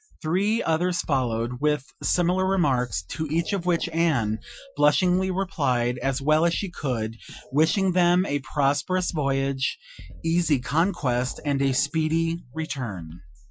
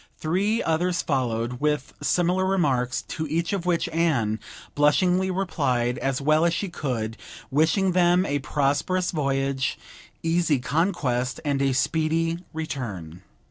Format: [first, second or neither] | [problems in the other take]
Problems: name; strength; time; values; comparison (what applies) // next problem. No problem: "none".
second | noise reduction (classical method Wiener filter)